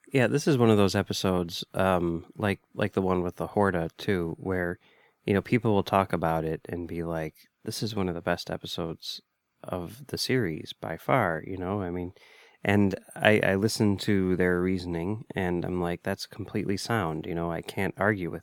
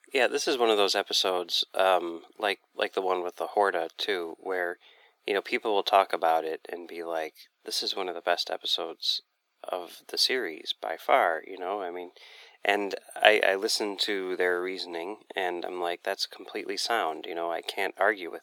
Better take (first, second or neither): first